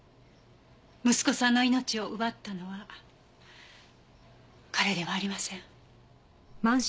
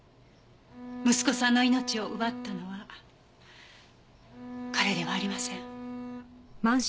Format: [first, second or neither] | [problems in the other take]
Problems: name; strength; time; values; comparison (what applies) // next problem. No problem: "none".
first | background sound (Bowed string instrument); 9 dB below the speech